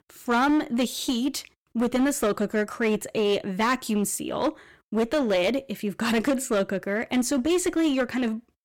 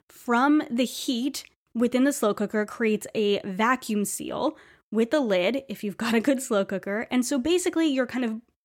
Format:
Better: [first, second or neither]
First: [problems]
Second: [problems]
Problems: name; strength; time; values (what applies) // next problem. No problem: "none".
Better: second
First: distortion; slight; 10% of the sound clipped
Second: none